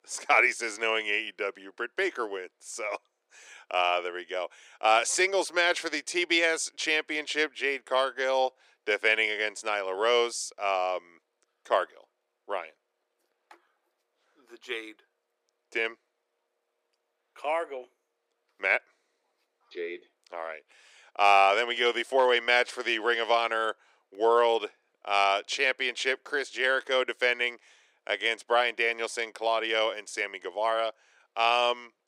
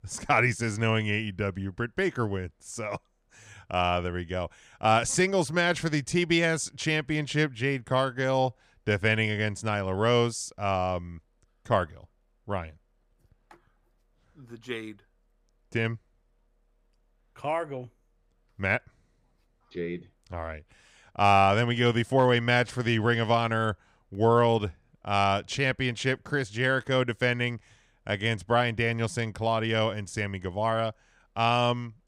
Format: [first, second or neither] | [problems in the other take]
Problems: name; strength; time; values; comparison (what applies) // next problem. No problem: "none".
second | thin; very; fading below 350 Hz